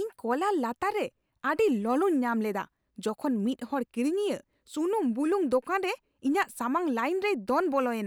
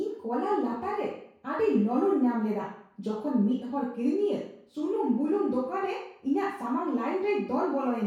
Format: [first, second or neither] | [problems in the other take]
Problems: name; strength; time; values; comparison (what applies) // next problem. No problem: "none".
first | room echo; dies away in 0.6 s